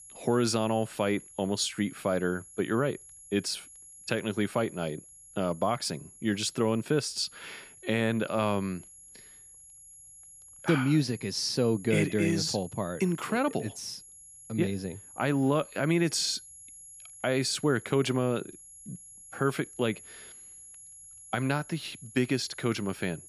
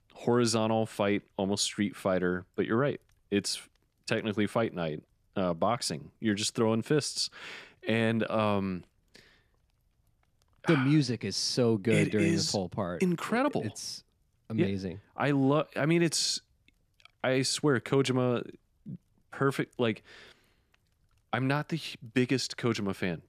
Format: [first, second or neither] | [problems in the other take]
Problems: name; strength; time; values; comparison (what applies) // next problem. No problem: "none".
second | high-pitched whine; noticeable; throughout; 11 kHz, 20 dB below the speech